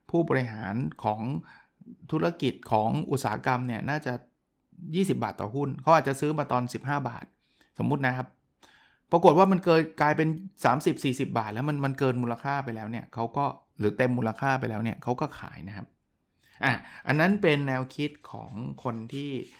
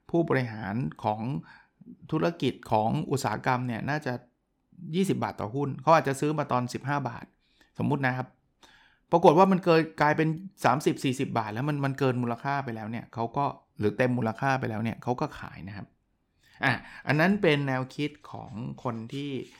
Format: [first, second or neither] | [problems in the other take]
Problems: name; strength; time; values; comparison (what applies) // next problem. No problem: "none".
second | garbled, watery; slightly; nothing above 17.5 kHz